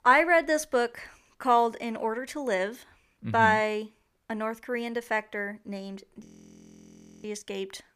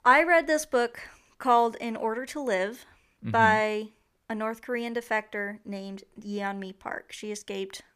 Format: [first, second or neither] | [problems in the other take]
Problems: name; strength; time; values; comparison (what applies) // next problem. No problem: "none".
second | audio freezing; at 6.5 s for 1 s